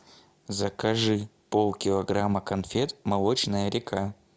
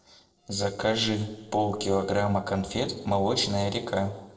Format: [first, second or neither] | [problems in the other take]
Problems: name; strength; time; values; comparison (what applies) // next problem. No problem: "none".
first | noise reduction (neural separator model SepFormer DNS4)